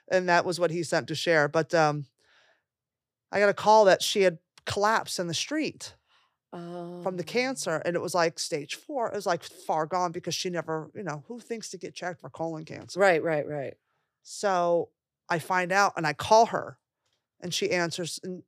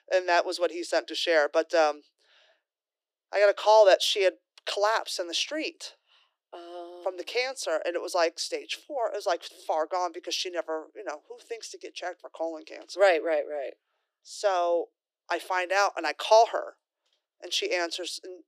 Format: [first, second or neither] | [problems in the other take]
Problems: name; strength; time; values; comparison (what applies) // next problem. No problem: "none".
first | thin; very; fading below 300 Hz